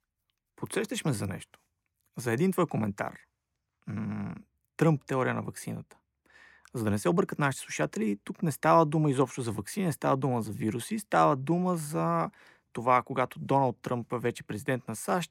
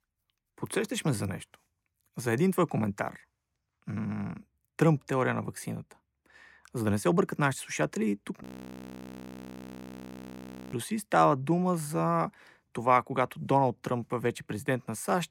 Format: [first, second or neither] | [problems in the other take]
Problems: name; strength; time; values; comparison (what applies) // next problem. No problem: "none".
first | audio freezing; at 8.5 s for 2.5 s